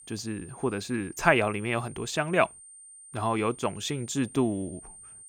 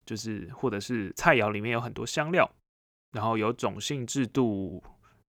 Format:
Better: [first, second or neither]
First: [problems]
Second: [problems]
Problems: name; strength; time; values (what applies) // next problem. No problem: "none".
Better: second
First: high-pitched whine; noticeable; throughout; 9 kHz, 20 dB below the speech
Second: none